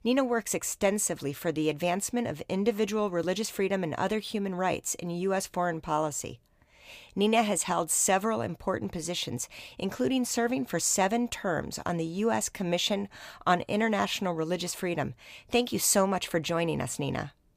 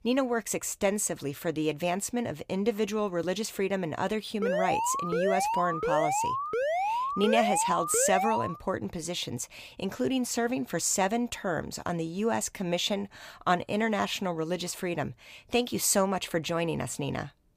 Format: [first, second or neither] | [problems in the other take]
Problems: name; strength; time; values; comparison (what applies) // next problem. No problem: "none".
first | alarm; loud; from 4.5 to 8.5 s; peak 1 dB above the speech